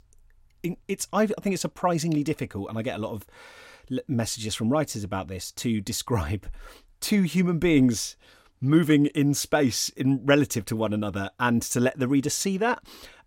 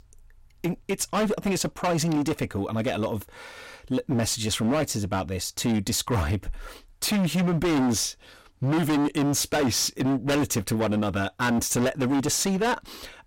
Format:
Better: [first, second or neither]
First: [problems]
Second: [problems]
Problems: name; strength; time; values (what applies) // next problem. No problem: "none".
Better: first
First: none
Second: distortion; heavy; 20% of the sound clipped